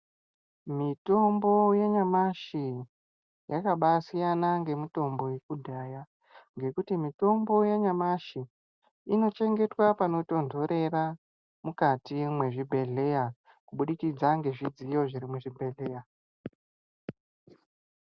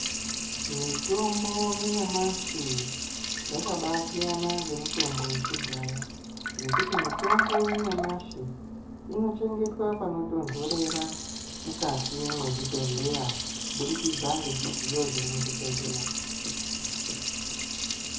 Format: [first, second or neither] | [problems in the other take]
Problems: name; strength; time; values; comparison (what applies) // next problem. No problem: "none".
first | background sound (Liquid); as loud as the speech // room echo; dies away in 0.6 s